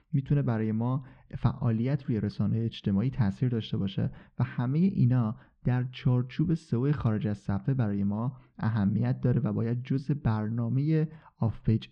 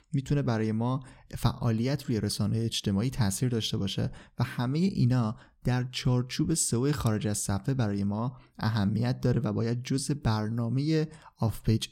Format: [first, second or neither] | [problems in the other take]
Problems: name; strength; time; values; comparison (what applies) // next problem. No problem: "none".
second | muffled; very; fading above 3 kHz